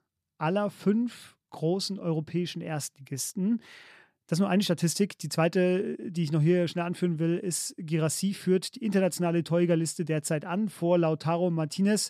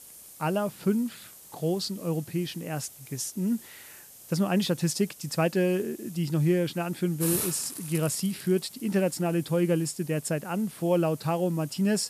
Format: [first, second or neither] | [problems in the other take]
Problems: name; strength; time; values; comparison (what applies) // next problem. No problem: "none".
first | hiss; noticeable; throughout; 10 dB below the speech